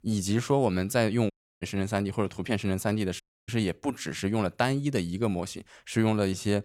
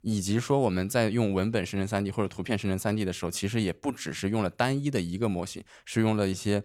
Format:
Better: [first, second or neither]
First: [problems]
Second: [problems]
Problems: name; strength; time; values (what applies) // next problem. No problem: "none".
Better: second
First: audio cutting out; at 1.5 s and at 3 s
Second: none